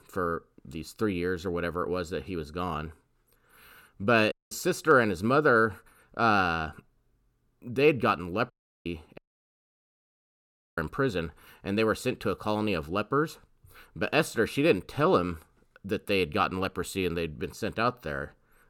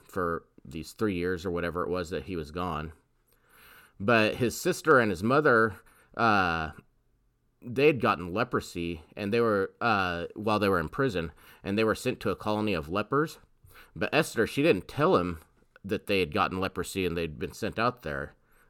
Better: second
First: audio cutting out; at 4.5 s, at 8.5 s and at 9 s for 1.5 s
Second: none

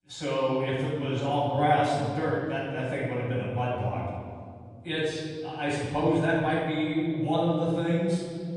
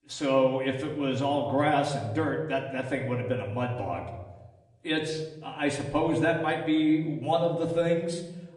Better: second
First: room echo; strong; dies away in 2.2 s // off-mic speech; far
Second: room echo; slight; dies away in 0.9 s // off-mic speech; far

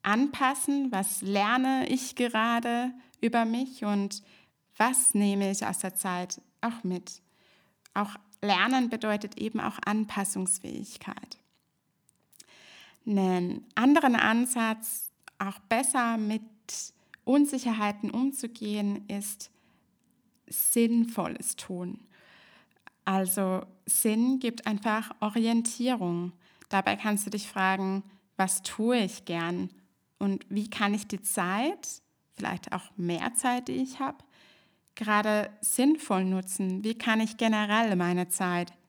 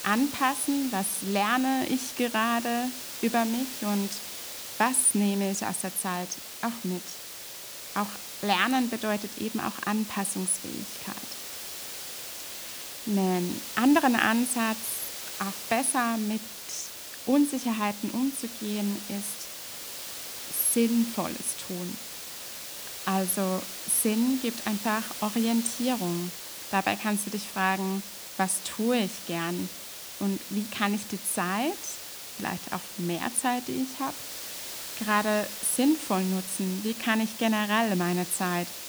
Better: first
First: none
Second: hiss; loud; throughout; 8 dB below the speech

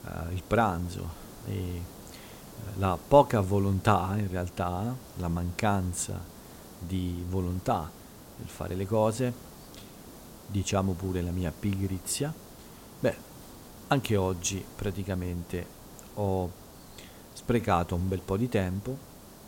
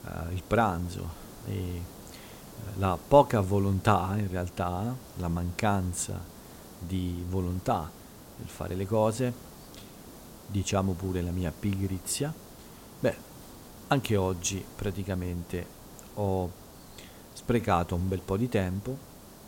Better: neither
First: hiss; noticeable; throughout; 20 dB below the speech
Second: hiss; noticeable; throughout; 20 dB below the speech

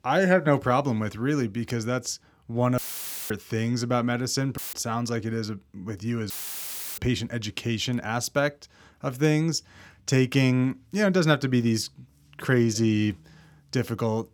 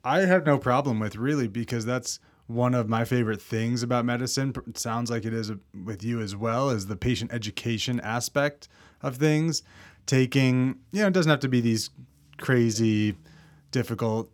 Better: second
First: audio cutting out; filled with static; at 3 s for 0.5 s, at 4.5 s and at 6.5 s for 0.5 s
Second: none

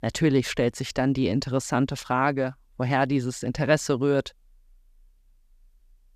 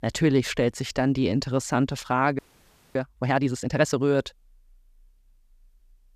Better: first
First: none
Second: audio freezing; at 2.5 s for 0.5 s

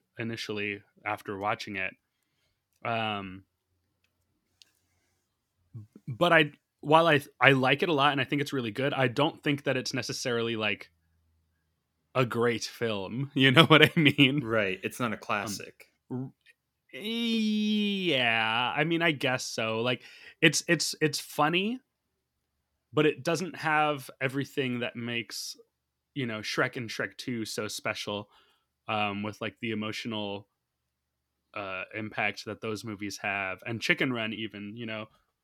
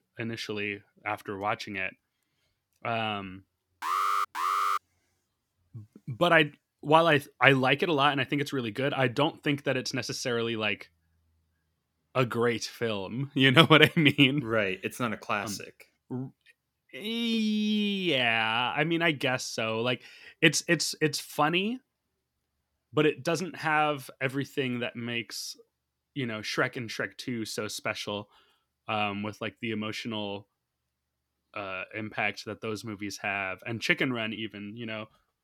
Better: first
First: none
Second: alarm; loud; at 4 s; peak 1 dB above the speech

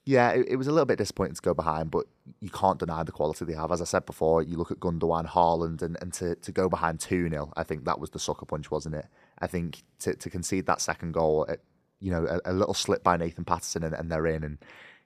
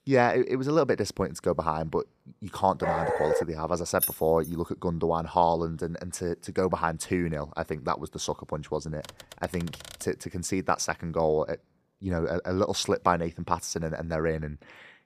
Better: first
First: none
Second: dog barking; loud; at 3 s; peak 1 dB above the speech // jangling keys; noticeable; at 4 s; peak level with the speech // keyboard typing; faint; from 9 to 10 s; peak 15 dB below the speech

